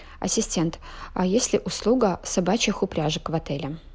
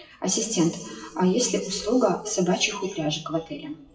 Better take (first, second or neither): first